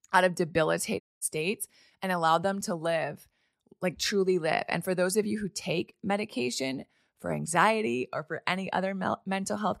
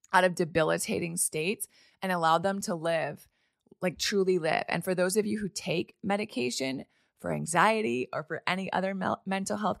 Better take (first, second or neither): second